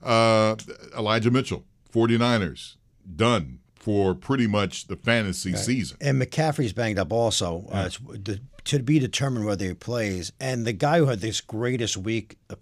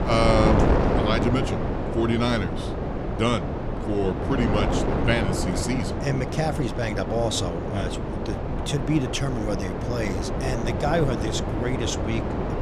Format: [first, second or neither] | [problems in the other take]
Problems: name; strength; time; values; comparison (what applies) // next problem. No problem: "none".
first | wind noise on the microphone; heavy; 2 dB below the speech